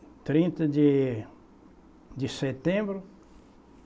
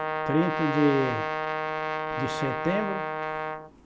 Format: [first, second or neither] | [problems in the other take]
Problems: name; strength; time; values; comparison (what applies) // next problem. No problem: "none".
first | background sound (Brass instrument); 1 dB below the speech